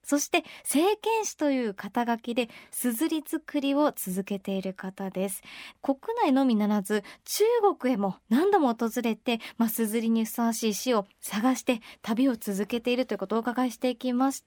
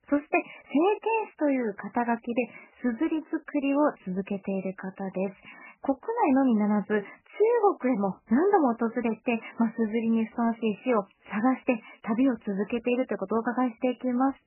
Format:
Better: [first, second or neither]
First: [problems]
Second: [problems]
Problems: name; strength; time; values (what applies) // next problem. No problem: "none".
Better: first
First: none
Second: garbled, watery; badly; nothing above 2.5 kHz